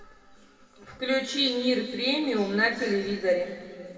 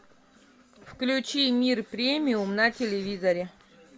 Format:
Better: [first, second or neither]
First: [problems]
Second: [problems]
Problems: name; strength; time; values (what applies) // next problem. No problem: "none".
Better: second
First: room echo; dies away in 1.9 s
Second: none